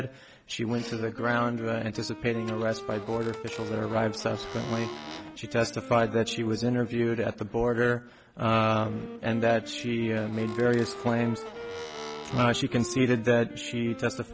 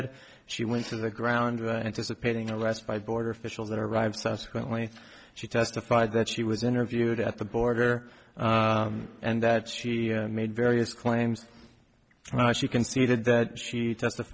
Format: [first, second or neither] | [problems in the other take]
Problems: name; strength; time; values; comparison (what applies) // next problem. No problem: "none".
second | background sound (Wind instrument, woodwind instrument + Squeak / Cupboard open or close); 13 dB below the speech